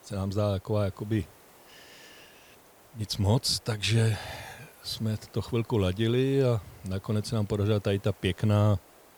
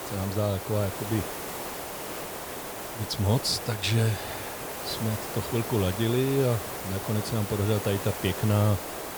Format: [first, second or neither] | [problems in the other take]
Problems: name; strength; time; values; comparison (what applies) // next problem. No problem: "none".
first | hiss; loud; throughout; 6 dB below the speech; faint in the first